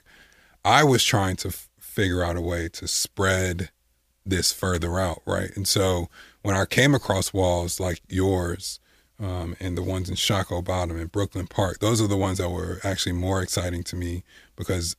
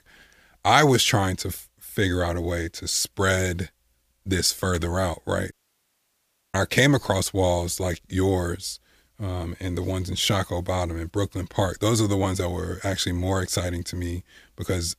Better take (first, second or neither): first